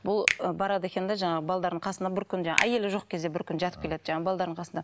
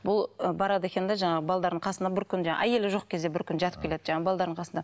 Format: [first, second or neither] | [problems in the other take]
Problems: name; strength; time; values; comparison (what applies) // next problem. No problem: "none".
second | background sound (Finger snapping); 7 dB below the speech